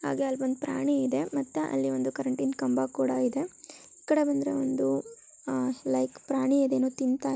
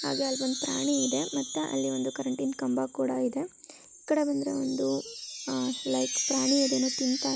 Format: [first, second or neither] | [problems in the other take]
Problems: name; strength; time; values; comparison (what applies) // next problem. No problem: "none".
first | background sound (Wind chime); 7 dB below the speech